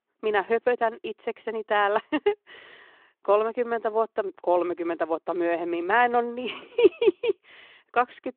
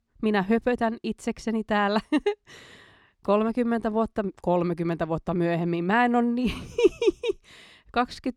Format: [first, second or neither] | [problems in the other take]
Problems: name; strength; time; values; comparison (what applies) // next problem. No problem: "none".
second | phone-call audio